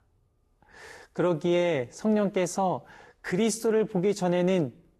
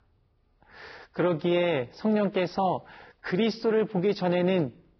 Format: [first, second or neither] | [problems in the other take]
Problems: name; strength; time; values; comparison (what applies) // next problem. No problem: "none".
first | garbled, watery; badly; nothing above 5.5 kHz; slightly in the first